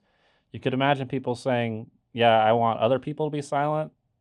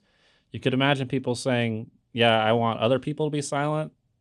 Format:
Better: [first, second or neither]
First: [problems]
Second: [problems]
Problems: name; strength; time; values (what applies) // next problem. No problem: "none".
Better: second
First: muffled; slightly; fading above 4 kHz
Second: none